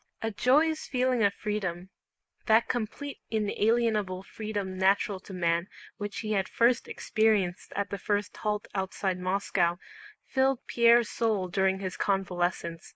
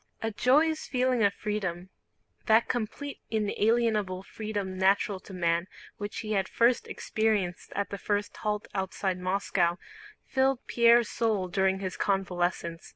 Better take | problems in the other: second | noise reduction (neural mask model Resemble Enhance denoiser)

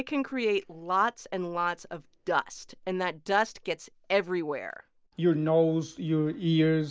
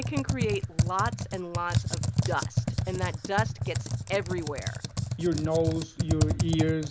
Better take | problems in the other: first | background sound (Computer keyboard); 2 dB above the speech

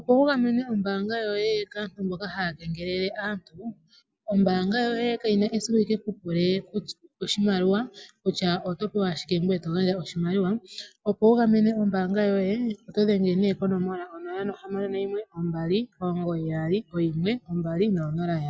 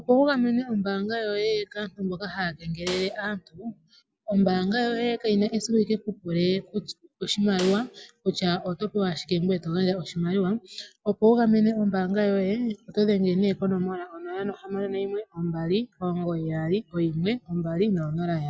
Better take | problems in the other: first | background sound (Snare drum); 15 dB below the speech

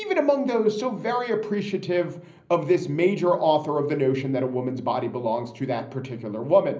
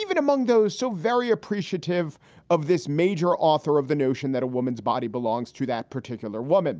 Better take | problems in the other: second | room echo; dies away in 0.5 s

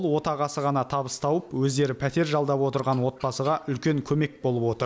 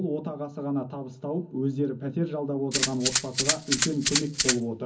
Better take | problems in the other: first | background sound (Rattle (instrument)); 2 dB above the speech // room echo; dies away in 0.4 s

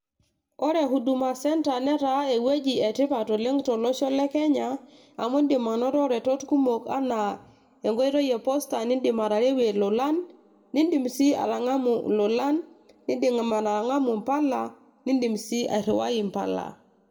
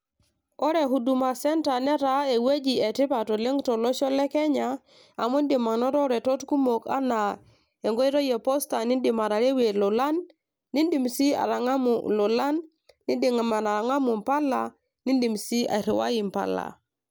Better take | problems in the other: second | room echo; dies away in 0.6 s

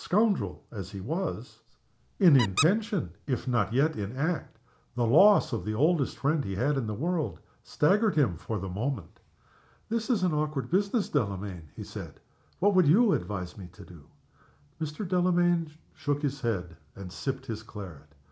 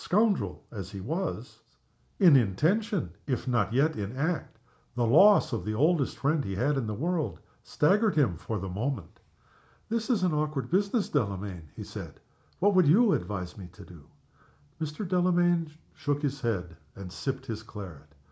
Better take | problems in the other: second | background sound (Squeak); 10 dB below the speech

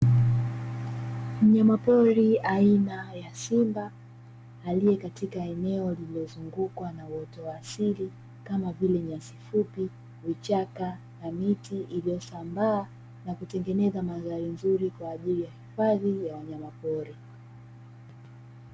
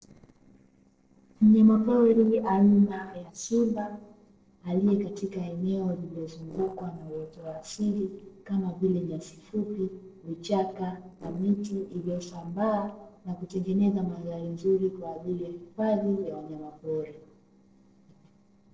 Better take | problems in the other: first | noise reduction (neural separator model SepFormer DNS4)

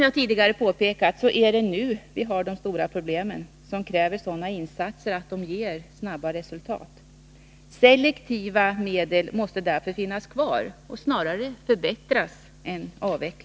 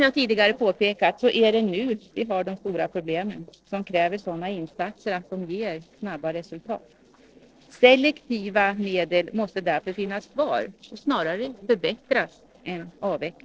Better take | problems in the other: first | noise reduction (neural separator model SepFormer DNS4)

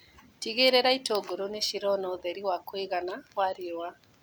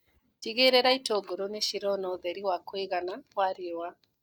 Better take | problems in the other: first | noise reduction (neural mask model DeepFilterNet 3)

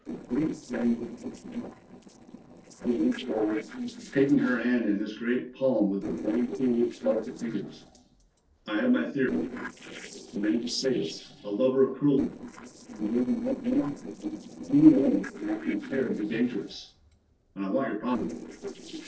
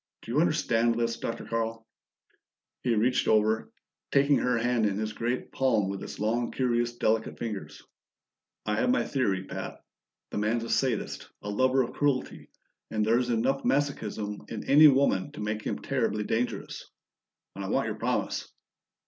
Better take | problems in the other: second | noise reduction (neural separator model SepFormer DNS4)

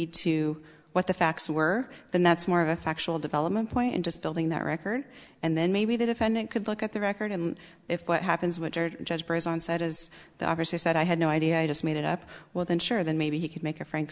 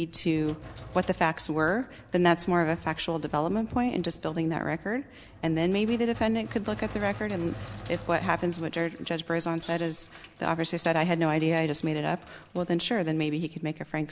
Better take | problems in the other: first | background sound (Sink (filling or washing) + Hi-hat); 18 dB below the speech

